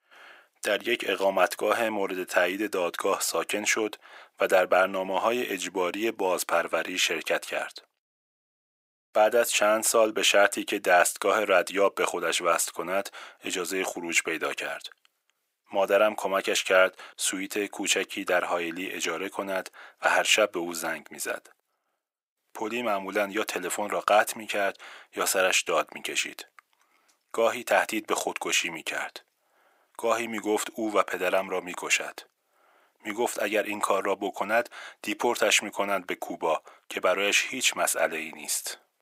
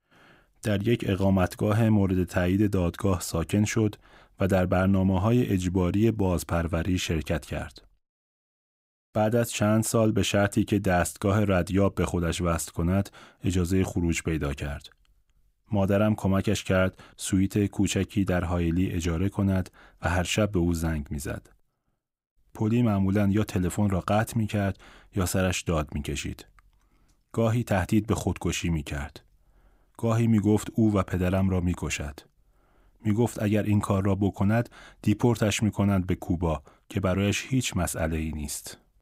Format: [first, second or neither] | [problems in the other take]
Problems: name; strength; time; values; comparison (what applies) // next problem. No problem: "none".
second | thin; very; fading below 500 Hz